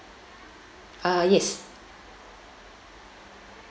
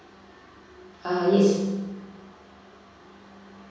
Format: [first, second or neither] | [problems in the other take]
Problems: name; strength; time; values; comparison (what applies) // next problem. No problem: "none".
first | room echo; dies away in 1.3 s